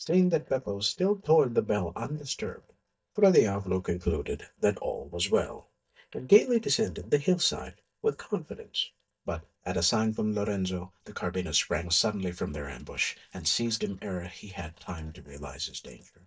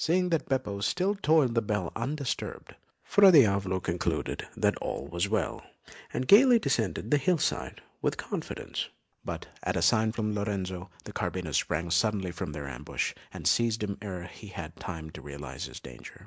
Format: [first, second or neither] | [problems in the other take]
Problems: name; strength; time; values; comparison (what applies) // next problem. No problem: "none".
second | noise reduction (neural mask model DeepFilterNet 3)